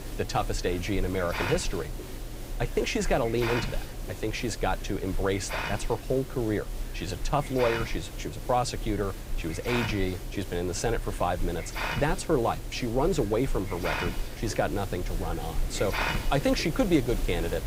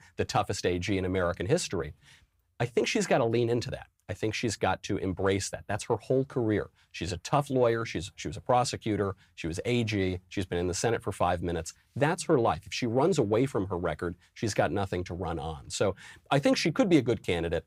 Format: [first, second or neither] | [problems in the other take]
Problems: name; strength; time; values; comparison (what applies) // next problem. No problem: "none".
second | hiss; loud; throughout; 6 dB below the speech